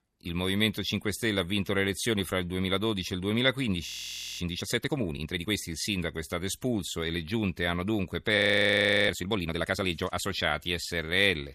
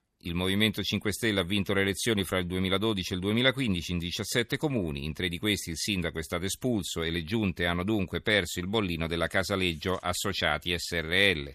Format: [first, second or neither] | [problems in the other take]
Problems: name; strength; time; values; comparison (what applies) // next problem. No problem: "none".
second | audio freezing; at 4 s for 0.5 s and at 8.5 s for 0.5 s